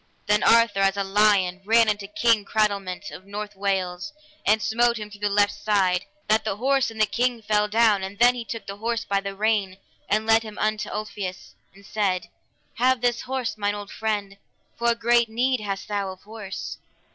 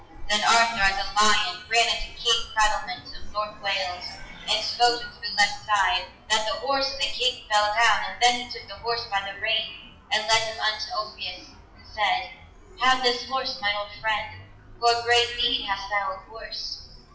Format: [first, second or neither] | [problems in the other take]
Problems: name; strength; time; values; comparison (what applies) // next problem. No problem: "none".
first | noise reduction (classical method WPE with log-MMSE)